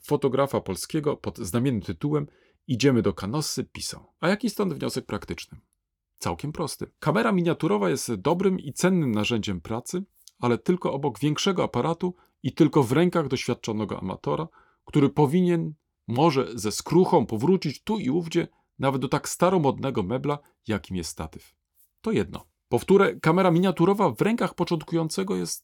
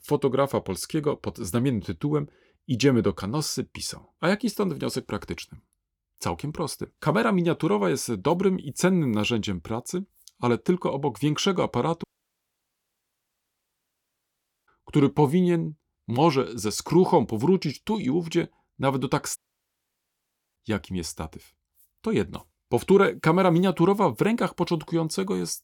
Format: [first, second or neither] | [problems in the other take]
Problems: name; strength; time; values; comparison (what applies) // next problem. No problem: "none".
first | audio cutting out; at 12 s for 2.5 s and at 19 s for 1 s